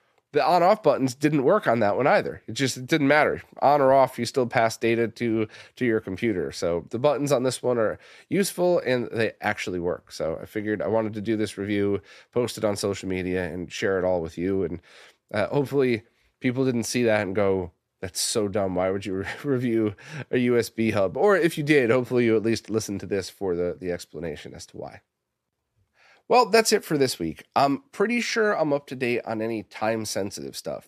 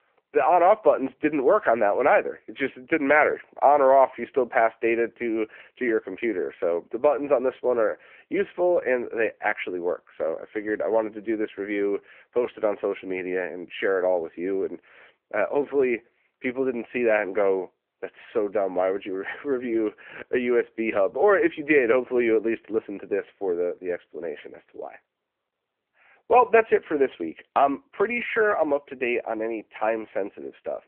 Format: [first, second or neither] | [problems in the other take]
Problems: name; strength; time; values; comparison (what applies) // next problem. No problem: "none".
first | phone-call audio